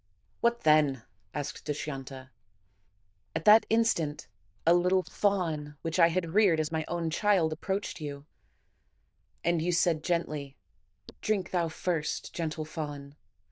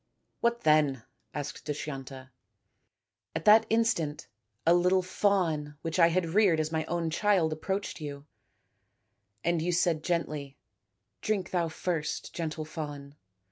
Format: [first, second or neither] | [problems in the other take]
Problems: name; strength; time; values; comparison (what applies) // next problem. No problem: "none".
second | noise reduction (neural diffusion model UNIVERSE++)